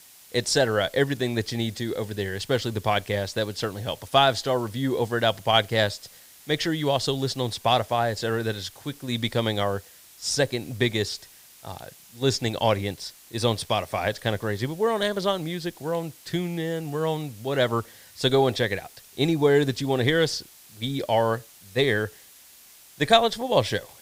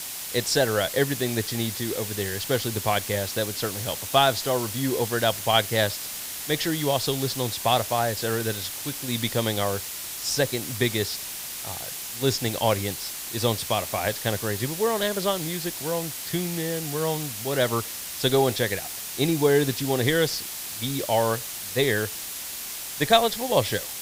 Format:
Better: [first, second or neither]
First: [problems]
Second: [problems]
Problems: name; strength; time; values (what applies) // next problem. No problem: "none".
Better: first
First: hiss; faint; throughout; 20 dB below the speech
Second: hiss; loud; throughout; 6 dB below the speech